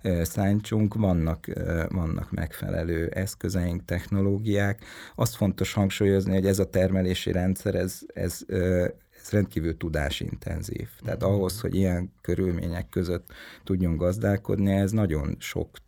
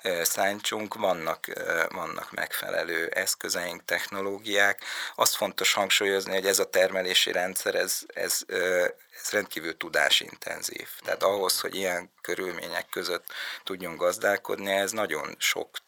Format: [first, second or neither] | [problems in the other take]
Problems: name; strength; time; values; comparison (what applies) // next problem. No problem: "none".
first | thin; very; fading below 850 Hz